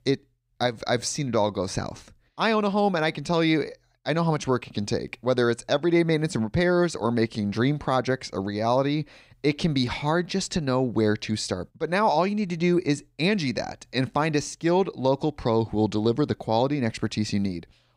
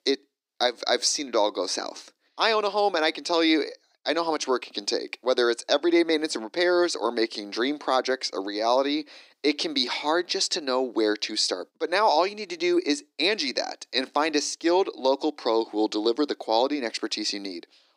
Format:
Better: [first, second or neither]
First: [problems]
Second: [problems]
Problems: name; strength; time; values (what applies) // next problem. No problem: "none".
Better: first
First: none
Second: thin; somewhat; fading below 300 Hz